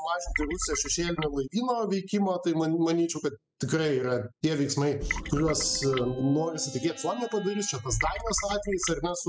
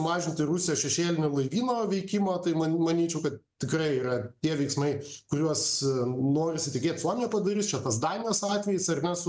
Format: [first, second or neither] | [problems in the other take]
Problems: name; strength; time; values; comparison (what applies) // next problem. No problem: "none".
second | noise reduction (classical method spectral subtraction)